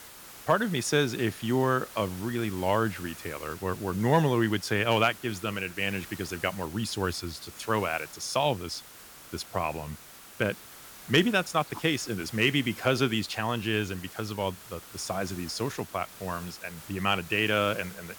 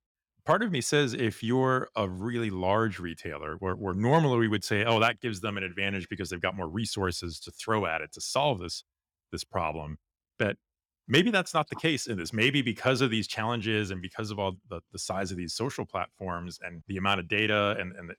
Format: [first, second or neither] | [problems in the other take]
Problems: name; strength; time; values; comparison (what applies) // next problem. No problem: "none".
second | hiss; noticeable; throughout; 15 dB below the speech